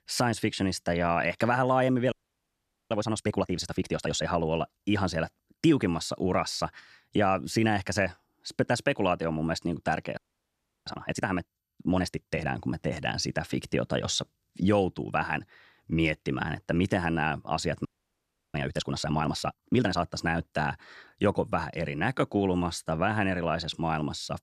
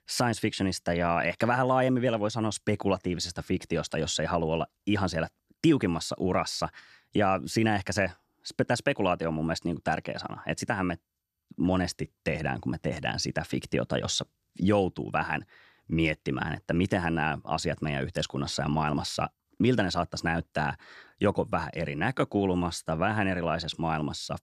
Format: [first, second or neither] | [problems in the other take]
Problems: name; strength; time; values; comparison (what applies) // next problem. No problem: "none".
second | audio freezing; at 2 s for 1 s, at 10 s for 0.5 s and at 18 s for 0.5 s